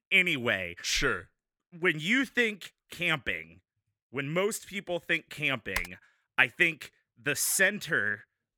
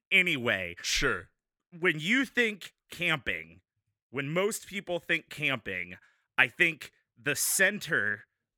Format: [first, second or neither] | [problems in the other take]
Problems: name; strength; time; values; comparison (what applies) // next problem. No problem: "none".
second | keyboard typing; noticeable; at 6 s; peak 9 dB below the speech